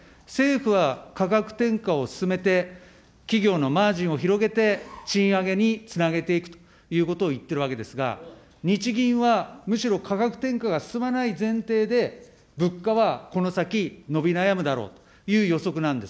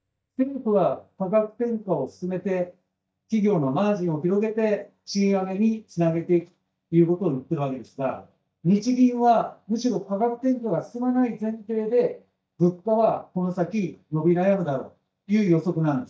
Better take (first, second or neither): first